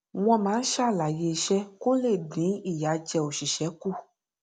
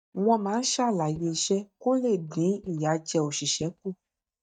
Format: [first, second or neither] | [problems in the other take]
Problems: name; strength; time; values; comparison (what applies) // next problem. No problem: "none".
first | noise reduction (neural mask model DeepFilterNet 3)